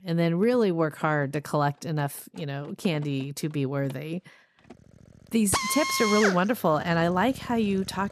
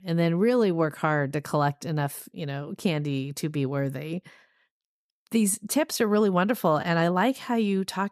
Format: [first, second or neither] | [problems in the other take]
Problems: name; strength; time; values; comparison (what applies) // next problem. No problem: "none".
second | machinery noise; loud; throughout; 4 dB below the speech